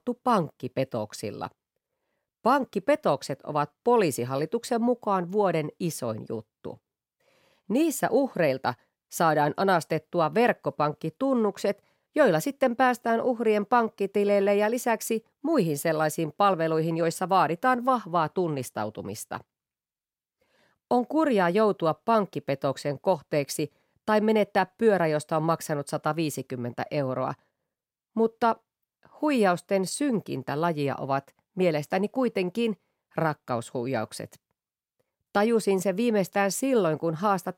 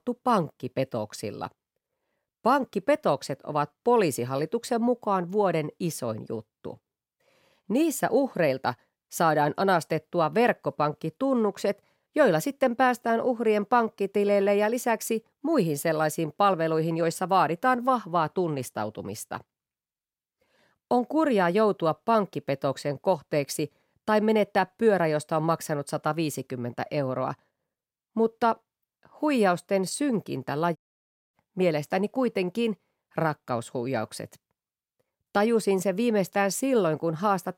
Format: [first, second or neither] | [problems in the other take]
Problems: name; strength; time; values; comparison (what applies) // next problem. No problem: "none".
first | audio cutting out; at 31 s for 0.5 s